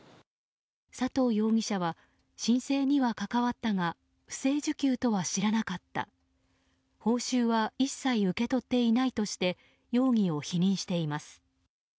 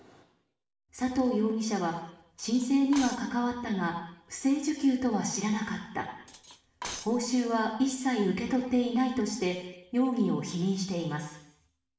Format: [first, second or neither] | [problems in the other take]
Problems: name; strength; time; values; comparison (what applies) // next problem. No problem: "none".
first | background sound (Cutlery, silverware); 16 dB below the speech // room echo; dies away in 0.9 s